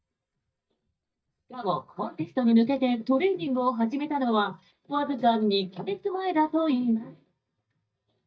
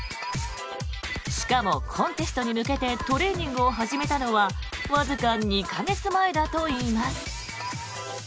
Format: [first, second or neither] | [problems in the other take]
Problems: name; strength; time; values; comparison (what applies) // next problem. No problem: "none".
second | noise reduction (neural mask model DeepFilterNet 3)